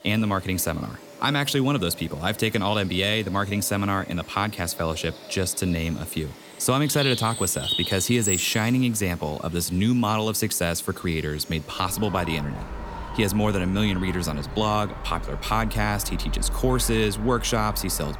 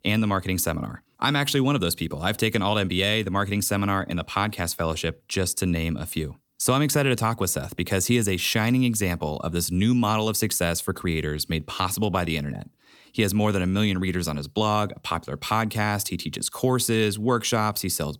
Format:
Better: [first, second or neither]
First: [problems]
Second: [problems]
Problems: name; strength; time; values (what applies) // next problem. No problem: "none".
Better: second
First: animal sounds; loud; throughout; 9 dB below the speech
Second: none